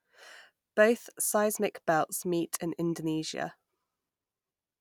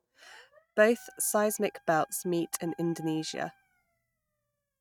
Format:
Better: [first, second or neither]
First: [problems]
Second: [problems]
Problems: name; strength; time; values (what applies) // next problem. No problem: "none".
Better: first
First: none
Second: noise reduction (neural mask model RNNoise)